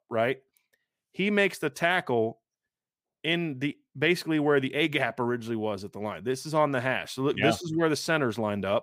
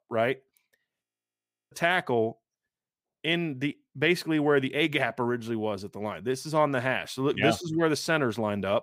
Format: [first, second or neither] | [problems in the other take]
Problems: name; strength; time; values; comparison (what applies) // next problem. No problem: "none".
first | audio freezing; at 1 s for 0.5 s